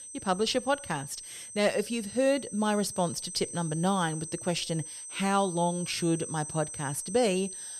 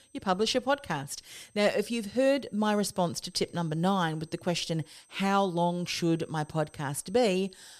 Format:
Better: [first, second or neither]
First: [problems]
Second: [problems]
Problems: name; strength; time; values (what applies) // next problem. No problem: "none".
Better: second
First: high-pitched whine; loud; throughout; 8.5 kHz, 9 dB below the speech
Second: high-pitched whine; faint; throughout; 8.5 kHz, 30 dB below the speech